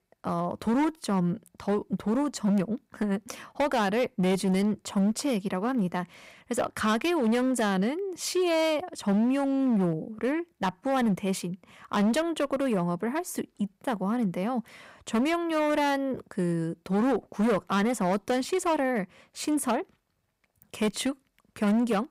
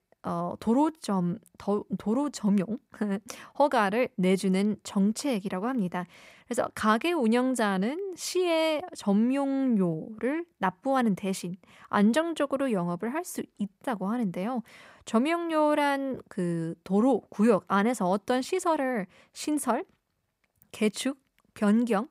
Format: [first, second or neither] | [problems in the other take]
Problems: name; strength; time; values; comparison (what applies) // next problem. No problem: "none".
second | distortion; slight; 10% of the sound clipped